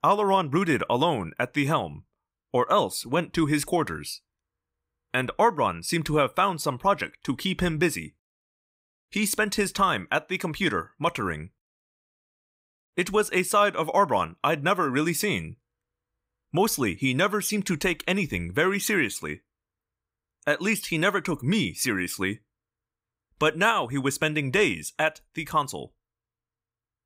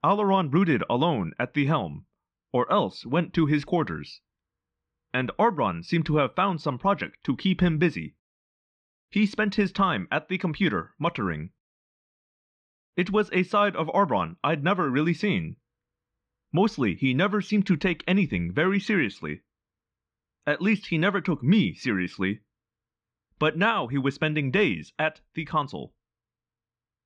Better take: first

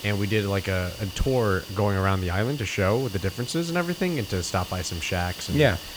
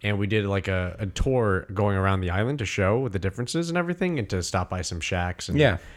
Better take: second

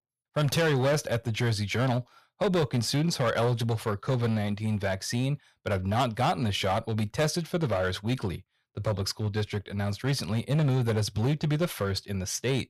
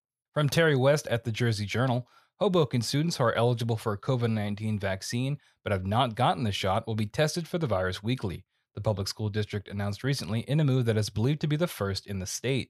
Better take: second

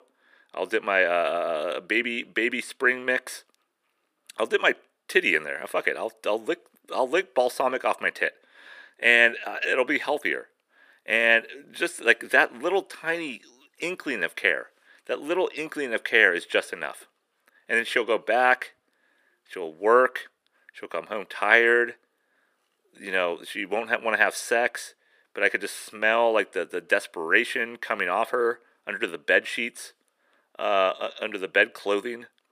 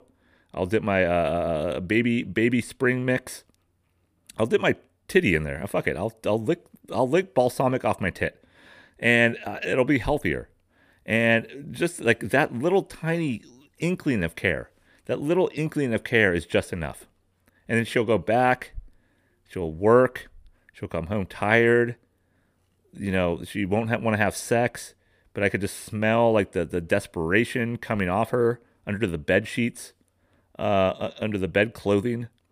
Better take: second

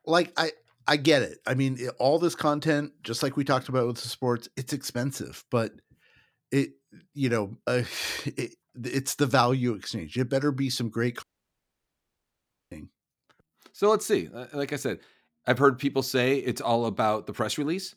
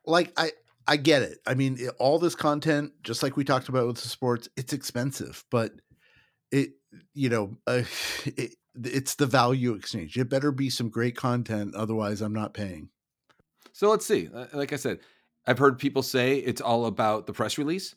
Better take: second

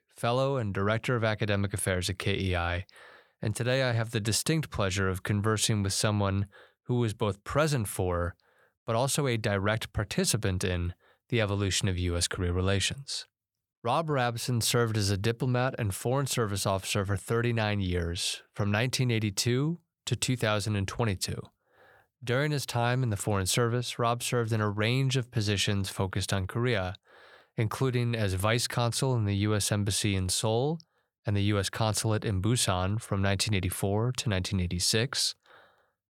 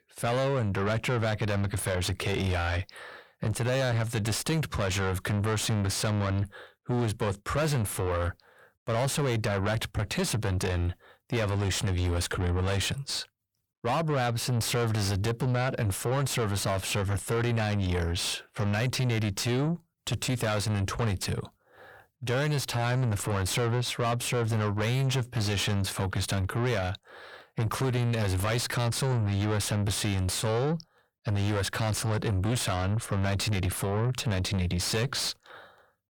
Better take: first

